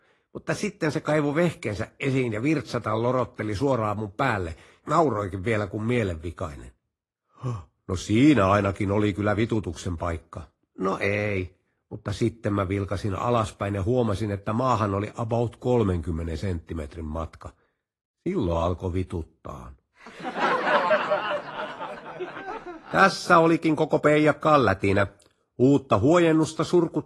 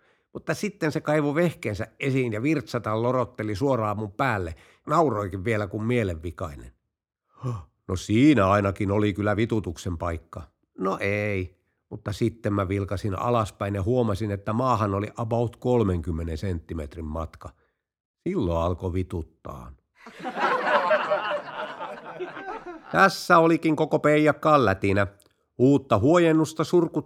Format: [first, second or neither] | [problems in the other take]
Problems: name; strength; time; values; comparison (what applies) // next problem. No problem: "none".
second | garbled, watery; slightly; nothing above 11.5 kHz